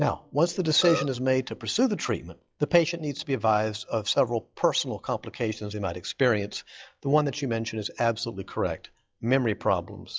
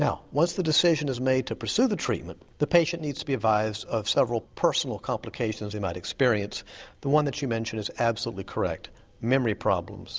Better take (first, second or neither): second